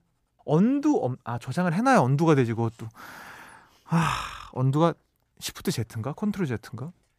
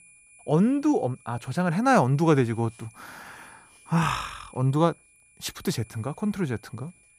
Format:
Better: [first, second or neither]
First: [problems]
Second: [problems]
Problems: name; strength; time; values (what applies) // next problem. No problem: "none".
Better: first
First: none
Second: high-pitched whine; faint; throughout; 2.5 kHz, 25 dB below the speech